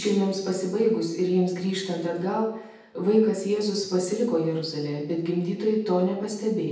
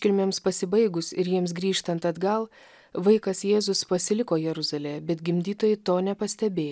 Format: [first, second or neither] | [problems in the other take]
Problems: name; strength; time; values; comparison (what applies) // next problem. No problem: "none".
second | room echo; dies away in 0.8 s